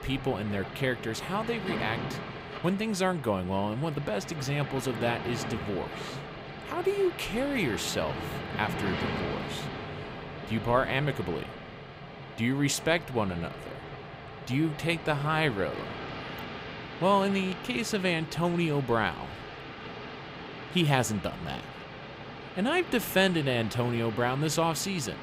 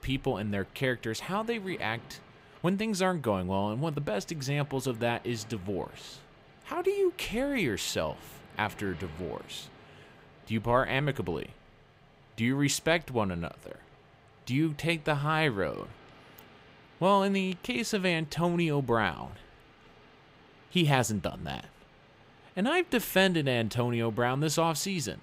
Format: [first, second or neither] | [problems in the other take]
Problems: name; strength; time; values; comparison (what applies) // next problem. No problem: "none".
second | rain or running water; loud; throughout; 9 dB below the speech; faint in the second